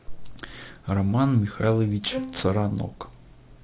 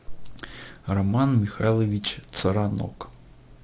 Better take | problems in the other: second | background sound (Bowed string instrument); 10 dB below the speech

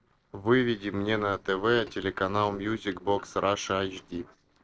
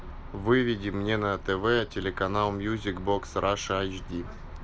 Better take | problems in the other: second | noise reduction (neural separator model SepFormer DNS4)

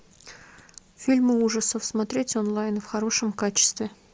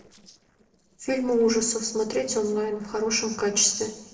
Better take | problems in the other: first | noise reduction (neural separator model SepFormer DNS4)

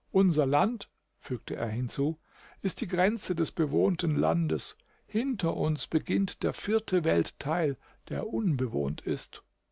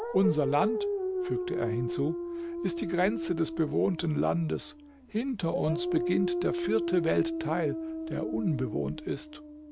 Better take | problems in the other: first | background sound (Dog); 3 dB below the speech

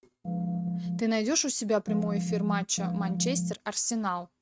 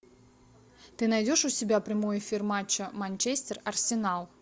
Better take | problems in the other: second | noise reduction (neural mask model RNNoise)

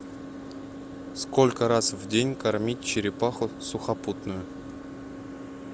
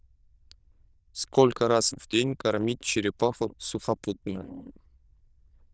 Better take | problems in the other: first | noise reduction (neural diffusion model UNIVERSE++)

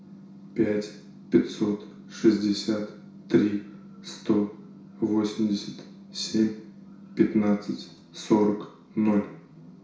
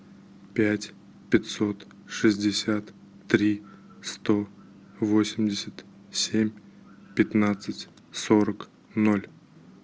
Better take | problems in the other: second | room echo; dies away in 0.6 s

